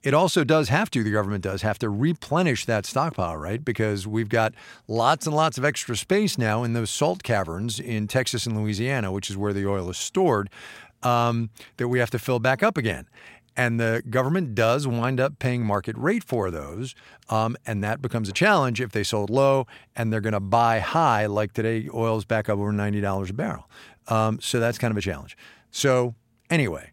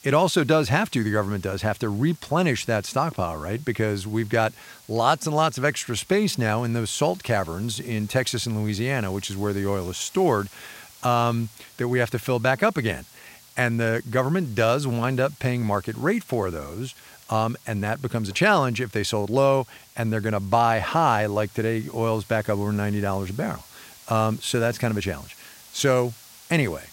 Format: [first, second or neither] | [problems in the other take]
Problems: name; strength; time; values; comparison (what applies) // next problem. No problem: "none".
first | hiss; faint; throughout; 25 dB below the speech